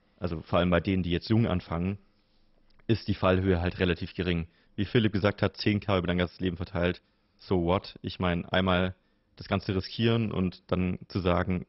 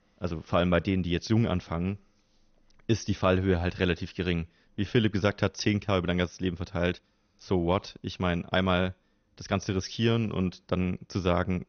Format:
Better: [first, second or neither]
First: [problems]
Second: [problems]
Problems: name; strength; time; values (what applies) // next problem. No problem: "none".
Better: second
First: garbled, watery; badly; nothing above 5.5 kHz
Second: garbled, watery; slightly; nothing above 6.5 kHz